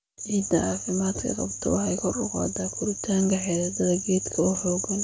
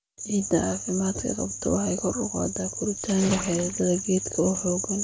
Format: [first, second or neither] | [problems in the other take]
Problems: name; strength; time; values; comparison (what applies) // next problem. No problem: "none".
first | background sound (Splash, splatter); 13 dB below the speech